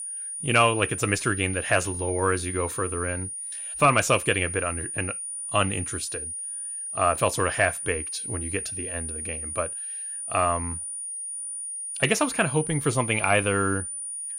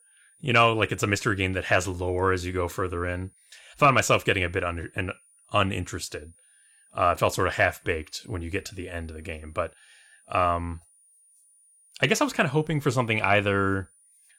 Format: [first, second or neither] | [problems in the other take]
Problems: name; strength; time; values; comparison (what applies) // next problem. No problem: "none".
second | high-pitched whine; loud; throughout; 9.5 kHz, 5 dB below the speech; faint in the second